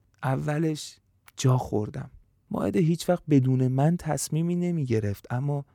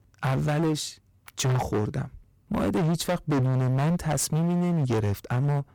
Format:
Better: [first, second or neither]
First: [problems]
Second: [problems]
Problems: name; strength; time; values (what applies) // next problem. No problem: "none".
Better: first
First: none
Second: distortion; heavy; 27% of the sound clipped